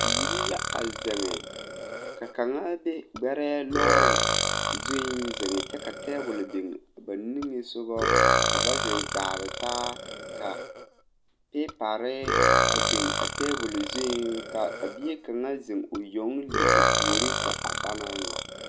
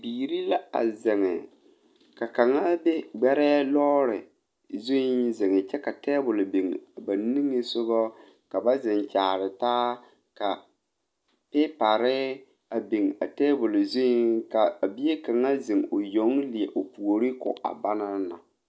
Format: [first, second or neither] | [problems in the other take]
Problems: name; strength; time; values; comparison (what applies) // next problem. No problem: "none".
second | background sound (Burping, eructation); 4 dB above the speech